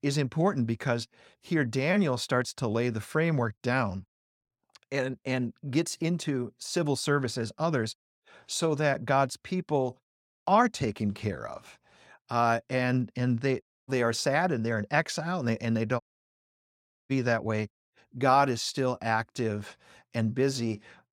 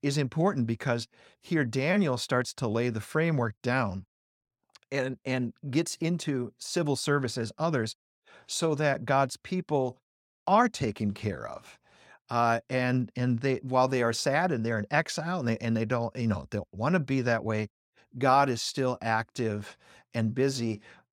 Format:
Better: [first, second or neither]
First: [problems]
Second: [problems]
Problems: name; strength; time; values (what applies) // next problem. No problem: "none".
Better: second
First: audio cutting out; at 14 s and at 16 s for 1 s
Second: none